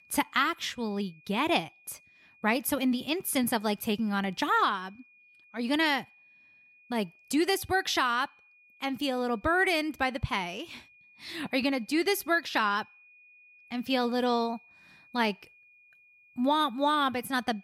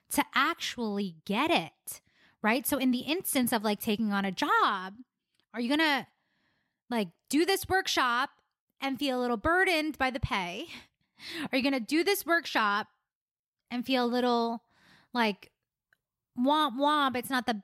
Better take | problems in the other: second | high-pitched whine; faint; throughout; 2.5 kHz, 30 dB below the speech

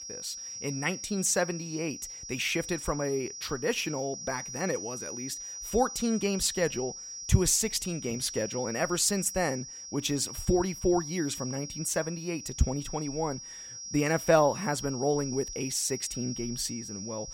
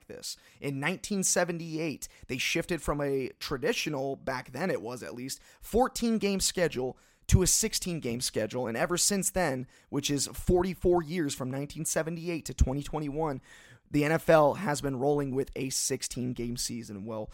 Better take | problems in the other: second | high-pitched whine; loud; throughout; 5.5 kHz, 8 dB below the speech

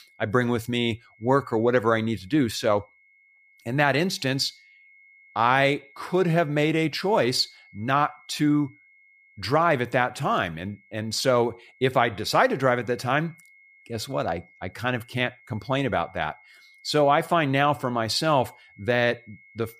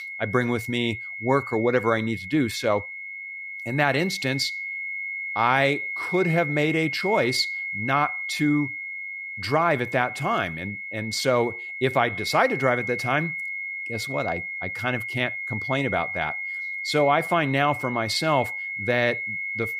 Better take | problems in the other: first | high-pitched whine; loud; throughout; 2 kHz, 5 dB below the speech; faint in the first

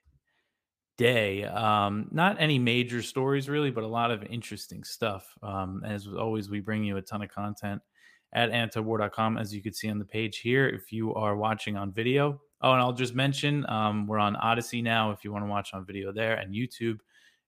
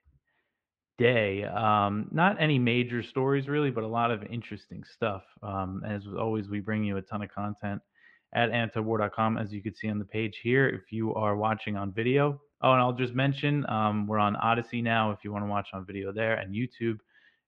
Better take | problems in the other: first | muffled; very; fading above 2.5 kHz

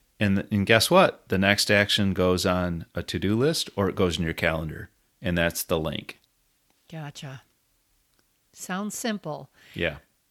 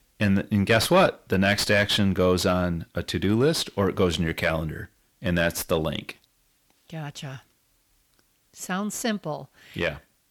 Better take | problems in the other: first | distortion; slight; 10 dB below the speech

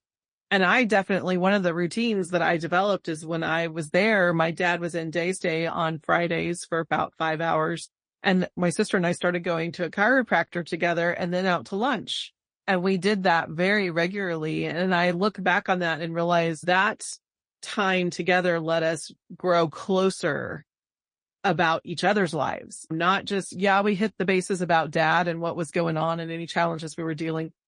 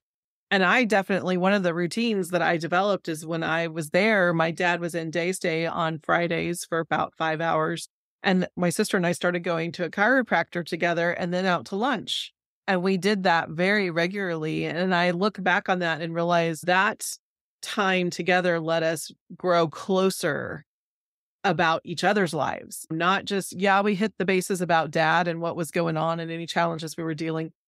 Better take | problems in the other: second | garbled, watery; slightly

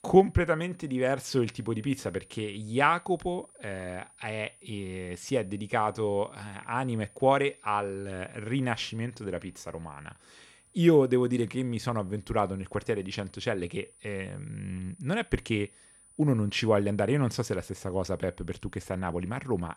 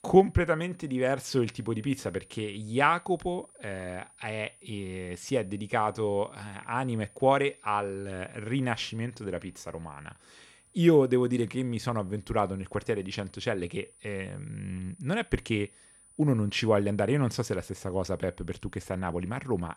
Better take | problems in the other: neither | high-pitched whine; faint; throughout; 9.5 kHz, 25 dB below the speech; the same in both

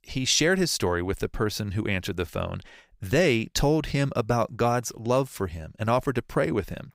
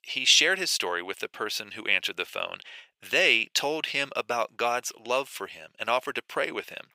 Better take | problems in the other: first | thin; very; fading below 550 Hz

